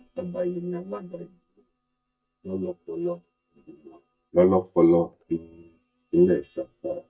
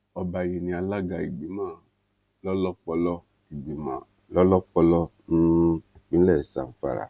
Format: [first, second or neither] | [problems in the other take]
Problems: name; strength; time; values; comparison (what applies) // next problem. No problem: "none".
second | noise reduction (neural mask model DeepFilterNet 3)